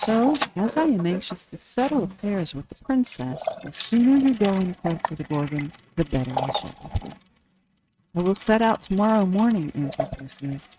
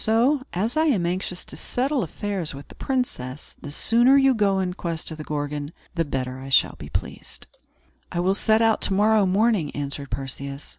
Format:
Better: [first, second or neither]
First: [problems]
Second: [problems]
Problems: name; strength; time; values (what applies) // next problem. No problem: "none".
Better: second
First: noise reduction (neural mask model RNNoise)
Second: none